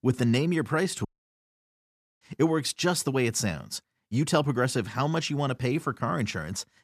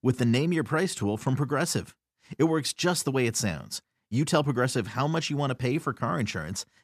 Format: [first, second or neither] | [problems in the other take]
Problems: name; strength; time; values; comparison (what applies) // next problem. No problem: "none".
second | audio cutting out; at 1 s for 1 s